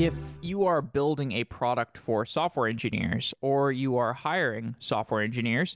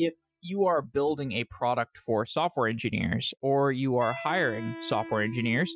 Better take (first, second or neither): first